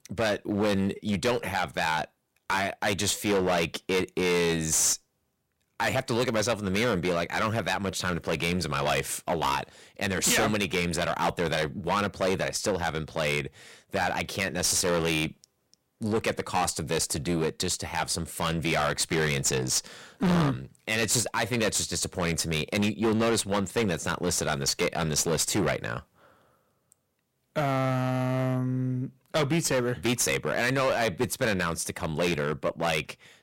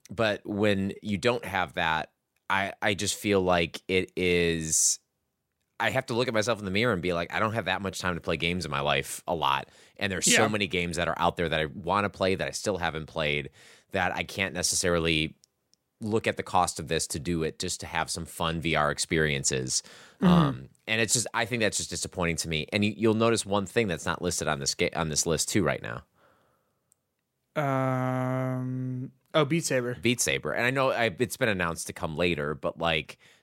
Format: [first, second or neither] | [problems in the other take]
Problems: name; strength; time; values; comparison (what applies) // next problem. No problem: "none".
second | distortion; heavy; 12% of the sound clipped